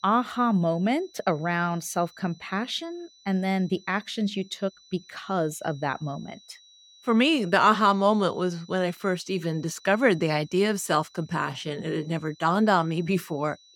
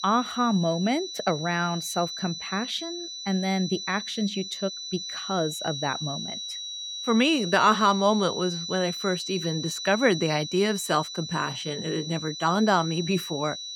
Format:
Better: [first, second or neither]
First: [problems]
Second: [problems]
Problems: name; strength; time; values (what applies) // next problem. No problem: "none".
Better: first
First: high-pitched whine; faint; throughout; 4 kHz, 25 dB below the speech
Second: high-pitched whine; loud; throughout; 4 kHz, 7 dB below the speech